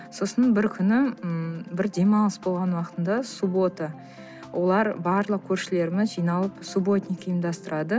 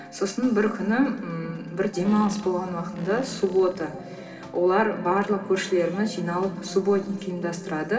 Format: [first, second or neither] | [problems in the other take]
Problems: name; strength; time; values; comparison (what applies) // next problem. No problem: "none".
first | background sound (Fart); 18 dB below the speech // room echo; dies away in 2.3 s